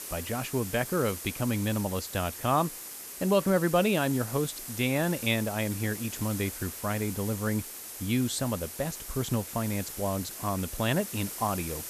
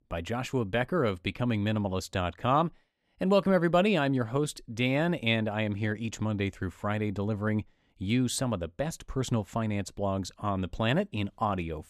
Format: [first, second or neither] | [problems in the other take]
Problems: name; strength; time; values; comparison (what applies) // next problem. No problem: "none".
second | hiss; loud; throughout; 8 dB below the speech